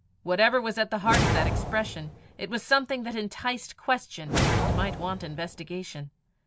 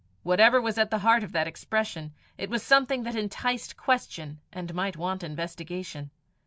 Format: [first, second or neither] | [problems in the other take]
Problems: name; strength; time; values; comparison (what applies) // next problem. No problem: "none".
second | background sound (Whoosh, swoosh, swish); as loud as the speech